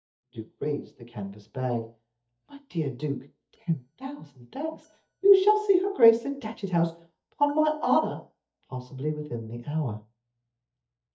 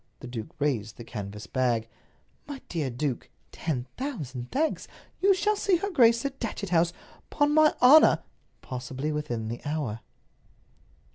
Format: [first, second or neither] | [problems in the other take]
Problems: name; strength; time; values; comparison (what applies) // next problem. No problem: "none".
second | noise reduction (neural mask model DeepFilterNet 3)